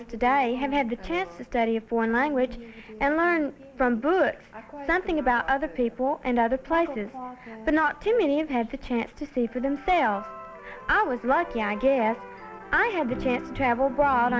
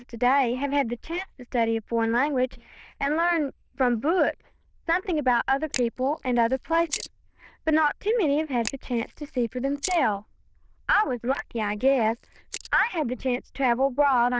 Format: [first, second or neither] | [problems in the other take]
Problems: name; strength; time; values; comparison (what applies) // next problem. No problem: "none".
first | noise reduction (neural diffusion model UNIVERSE++)